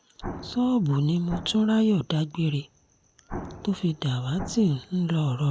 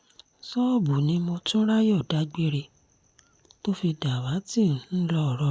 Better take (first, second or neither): second